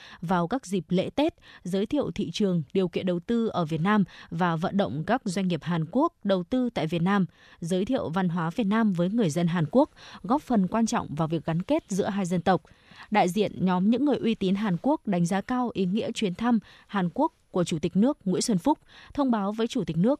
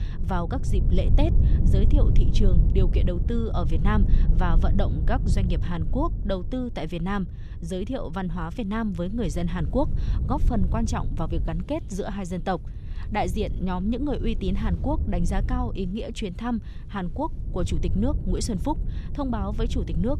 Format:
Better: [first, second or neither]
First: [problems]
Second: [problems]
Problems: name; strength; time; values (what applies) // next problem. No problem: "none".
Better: first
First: none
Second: wind noise on the microphone; occasional gusts; 10 dB below the speech